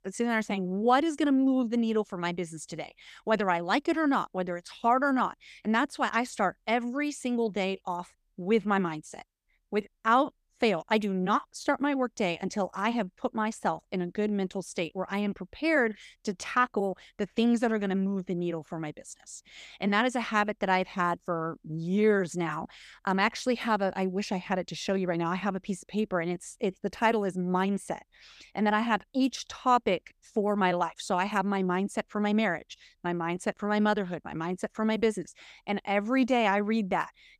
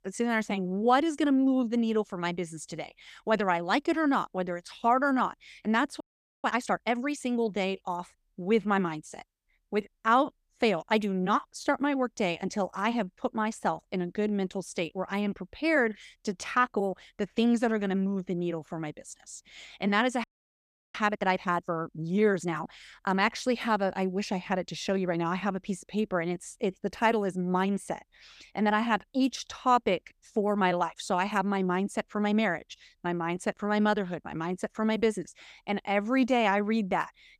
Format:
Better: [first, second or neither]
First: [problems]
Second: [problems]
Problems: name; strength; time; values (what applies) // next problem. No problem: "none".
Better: first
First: none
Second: audio freezing; at 6 s and at 20 s for 0.5 s